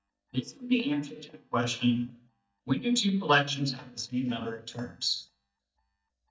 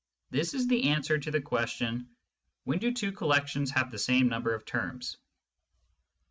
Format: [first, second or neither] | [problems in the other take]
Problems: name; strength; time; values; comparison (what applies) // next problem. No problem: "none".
second | noise reduction (neural mask model DeepFilterNet 3)